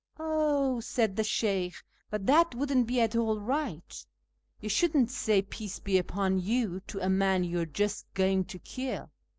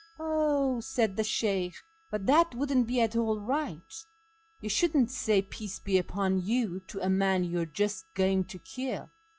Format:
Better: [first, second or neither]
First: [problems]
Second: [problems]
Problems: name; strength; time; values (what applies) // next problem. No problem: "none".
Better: first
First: none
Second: noise reduction (classical method log-MMSE)